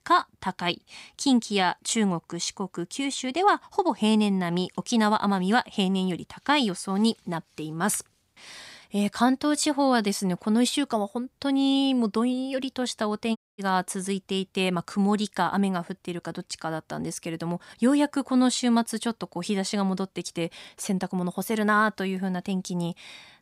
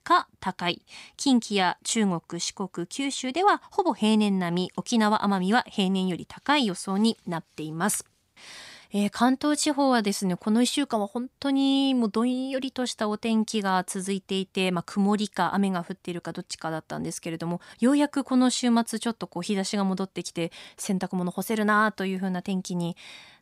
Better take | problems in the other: second | audio cutting out; at 13 s

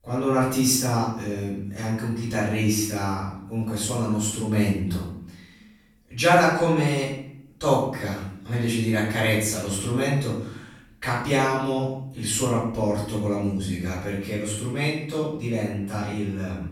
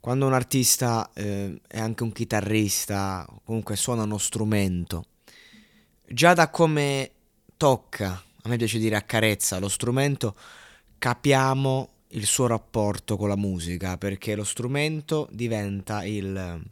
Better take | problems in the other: second | off-mic speech; far // room echo; noticeable; dies away in 0.6 s

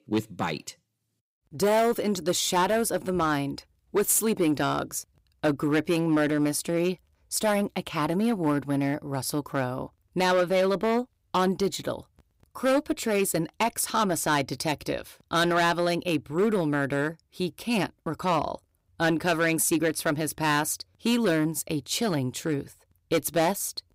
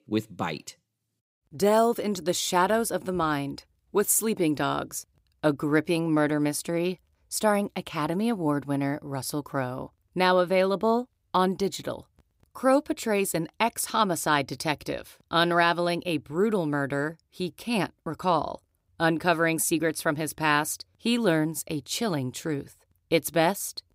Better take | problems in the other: second | distortion; slight; 5% of the sound clipped

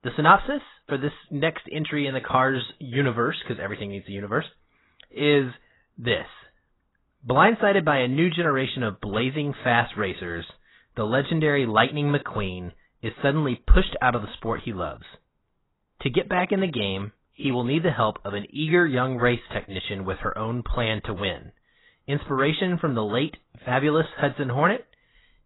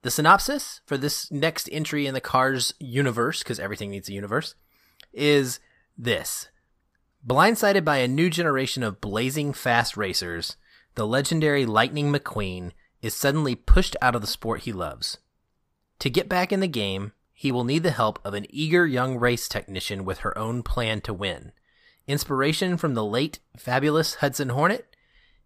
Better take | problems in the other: second | garbled, watery; badly; nothing above 4 kHz

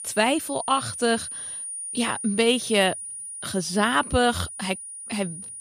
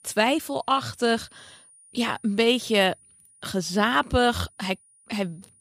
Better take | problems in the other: second | high-pitched whine; loud; throughout; 9.5 kHz, 8 dB below the speech; faint in the second

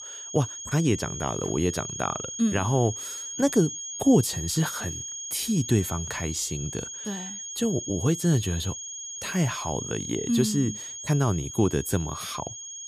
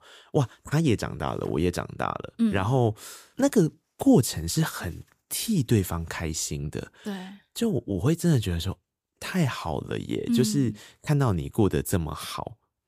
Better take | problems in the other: second | high-pitched whine; loud; throughout; 6.5 kHz, 7 dB below the speech

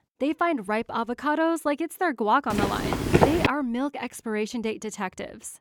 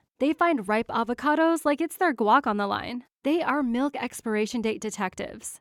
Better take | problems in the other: second | footsteps; loud; at 2.5 s; peak 6 dB above the speech

